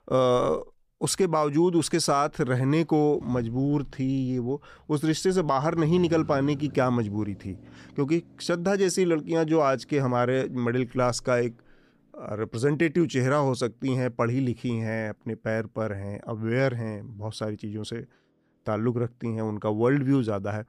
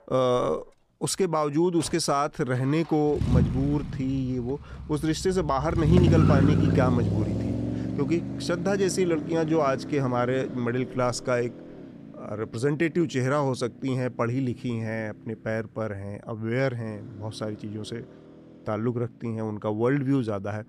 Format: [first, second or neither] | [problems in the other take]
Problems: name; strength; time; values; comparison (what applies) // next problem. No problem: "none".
first | traffic noise; loud; throughout; 1 dB below the speech; faint in the first